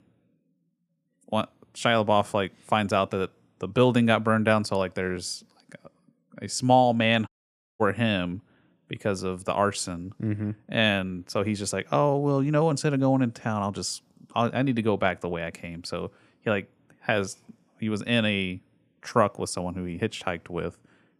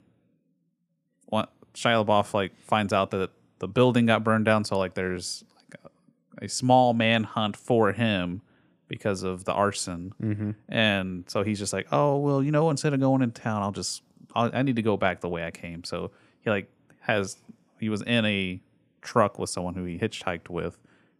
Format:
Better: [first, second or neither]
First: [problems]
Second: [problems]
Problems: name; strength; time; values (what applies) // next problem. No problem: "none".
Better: second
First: audio cutting out; at 7.5 s for 0.5 s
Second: none